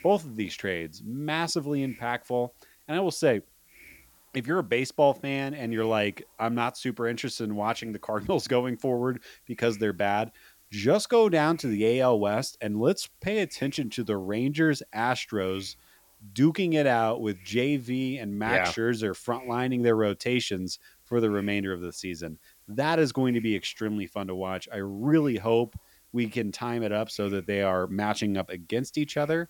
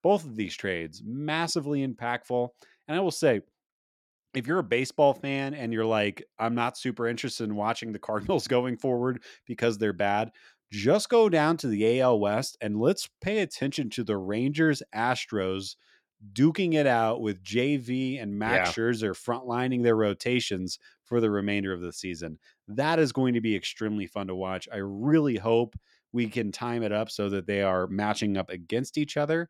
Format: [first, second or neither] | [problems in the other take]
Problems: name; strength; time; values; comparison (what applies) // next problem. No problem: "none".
second | hiss; faint; throughout; 25 dB below the speech